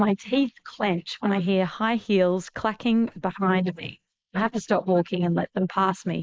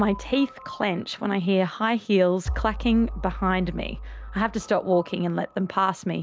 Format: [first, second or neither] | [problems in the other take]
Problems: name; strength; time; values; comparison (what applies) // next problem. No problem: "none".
second | noise reduction (neural mask model Resemble Enhance denoiser)